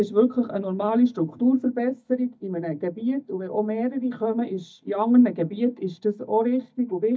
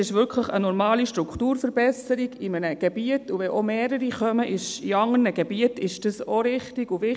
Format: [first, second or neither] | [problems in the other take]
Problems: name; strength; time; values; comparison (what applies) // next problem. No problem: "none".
second | noise reduction (neural mask model DeepFilterNet 3)